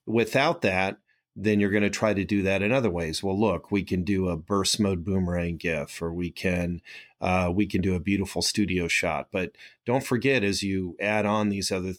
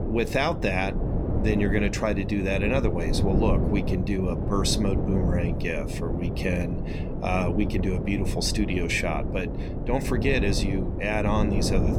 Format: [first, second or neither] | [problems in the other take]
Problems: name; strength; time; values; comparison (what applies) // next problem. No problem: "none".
first | wind noise on the microphone; heavy; 7 dB below the speech